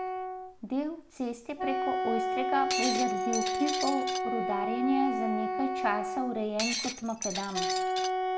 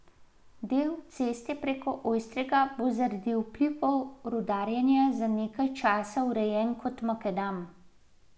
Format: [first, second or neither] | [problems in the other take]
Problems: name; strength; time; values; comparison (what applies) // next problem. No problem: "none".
second | background sound (Wind instrument, woodwind instrument + Shatter); 1 dB above the speech